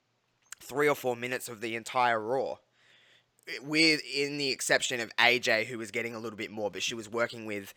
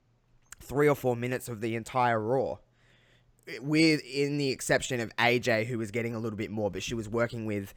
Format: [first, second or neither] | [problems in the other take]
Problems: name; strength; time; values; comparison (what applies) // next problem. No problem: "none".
second | thin; very slightly; fading below 1 kHz